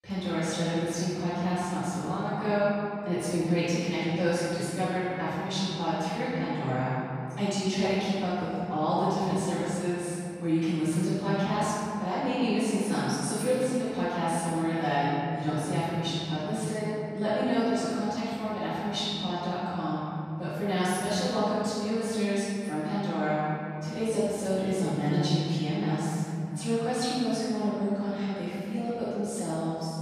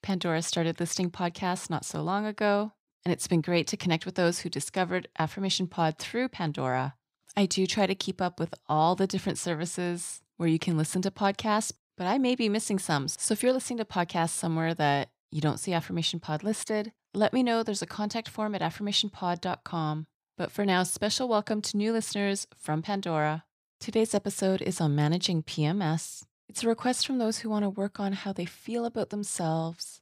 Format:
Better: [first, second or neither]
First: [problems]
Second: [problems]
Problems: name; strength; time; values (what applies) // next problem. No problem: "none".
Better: second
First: off-mic speech; far // room echo; strong; dies away in 2.8 s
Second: none